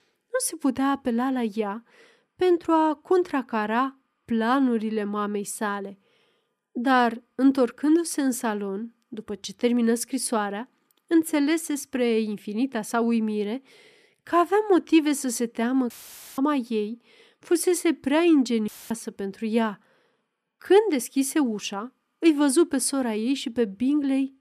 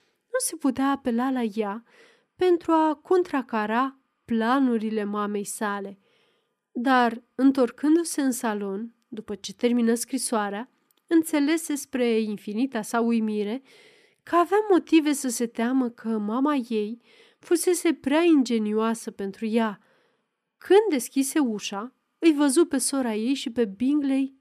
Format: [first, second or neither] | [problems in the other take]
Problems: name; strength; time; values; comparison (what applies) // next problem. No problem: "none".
second | audio cutting out; filled with static; at 16 s and at 19 s